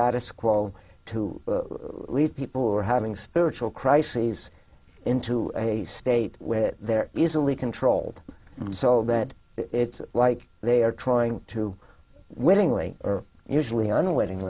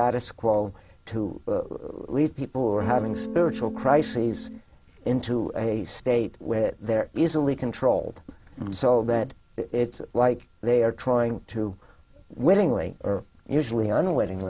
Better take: first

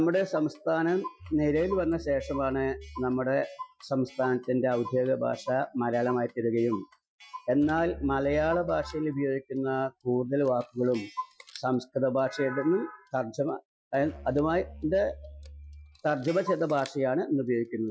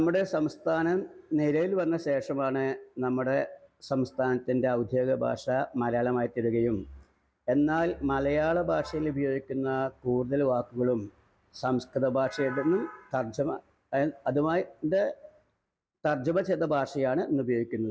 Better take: second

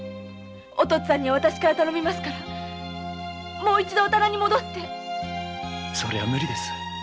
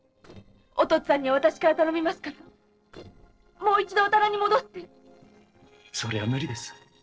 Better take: first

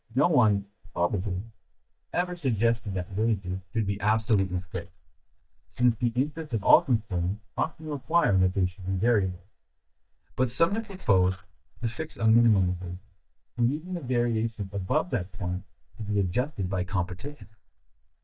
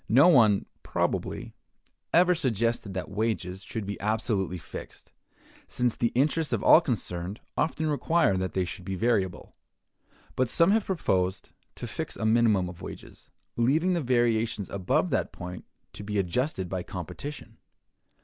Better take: second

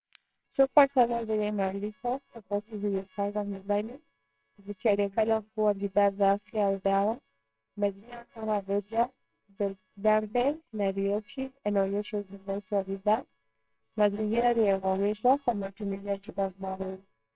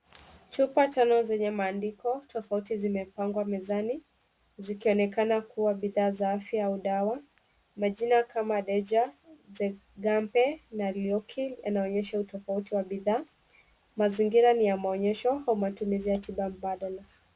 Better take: second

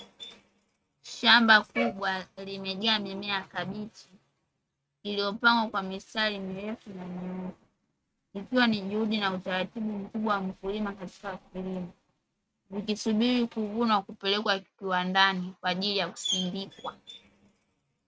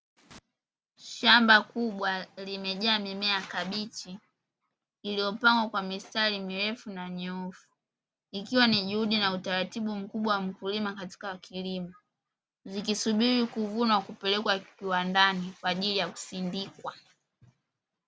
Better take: second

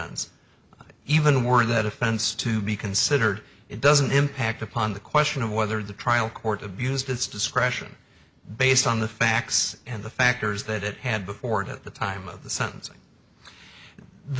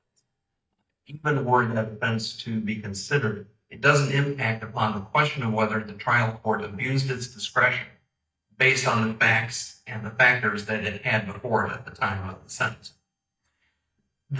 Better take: first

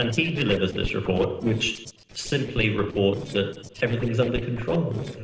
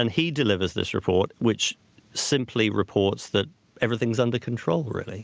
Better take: second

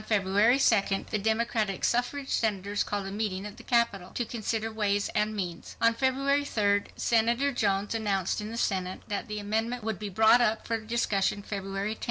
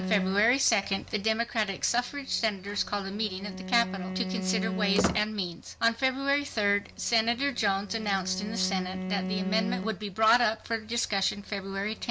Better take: first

